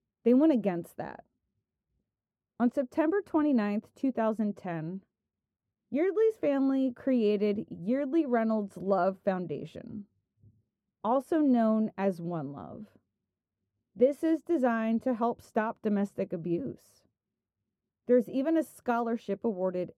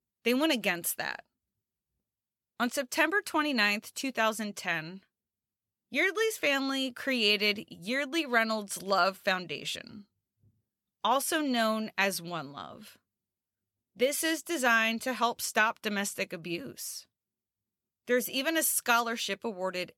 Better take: second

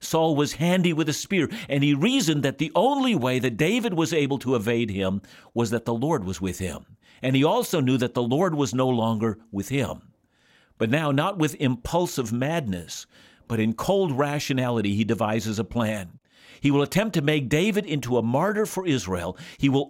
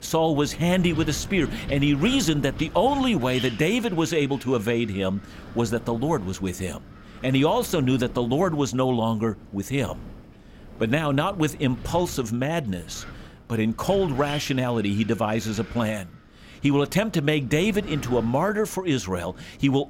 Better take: first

